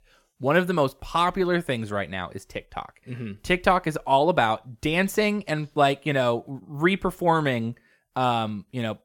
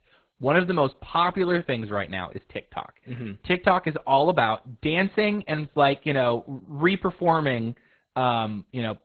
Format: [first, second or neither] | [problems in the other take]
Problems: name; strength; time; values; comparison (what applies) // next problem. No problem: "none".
first | garbled, watery; badly; nothing above 4 kHz